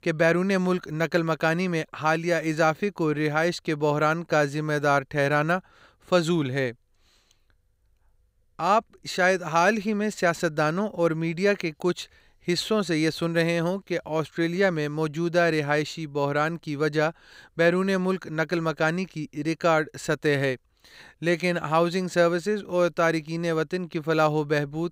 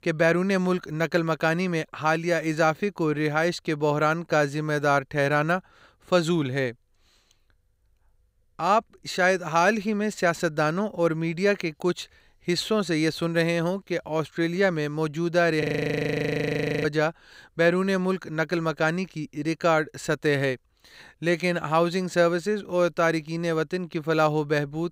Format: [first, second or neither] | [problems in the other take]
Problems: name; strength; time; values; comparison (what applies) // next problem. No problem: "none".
first | audio freezing; at 16 s for 1 s